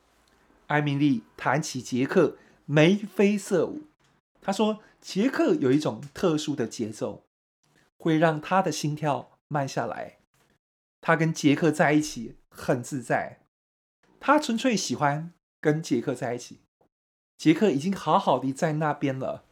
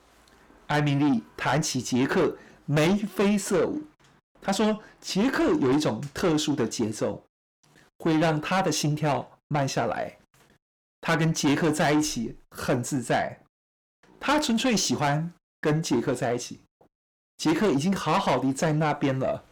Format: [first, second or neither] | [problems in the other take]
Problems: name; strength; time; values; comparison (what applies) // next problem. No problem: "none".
first | distortion; heavy; 7 dB below the speech